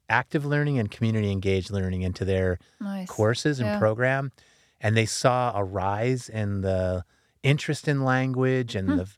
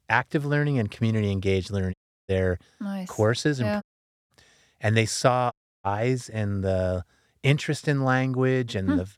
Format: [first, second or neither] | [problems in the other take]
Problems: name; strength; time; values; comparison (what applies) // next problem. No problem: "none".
first | audio cutting out; at 2 s, at 4 s and at 5.5 s